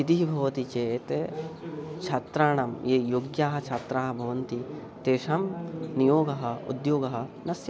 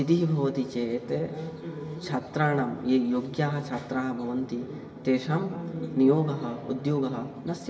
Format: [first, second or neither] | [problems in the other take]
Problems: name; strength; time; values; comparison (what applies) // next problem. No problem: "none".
first | room echo; dies away in 1.7 s